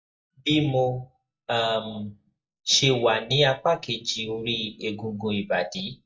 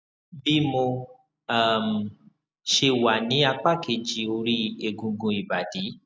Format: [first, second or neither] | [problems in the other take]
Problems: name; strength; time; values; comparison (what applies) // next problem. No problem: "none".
second | noise reduction (neural mask model DeepFilterNet 3)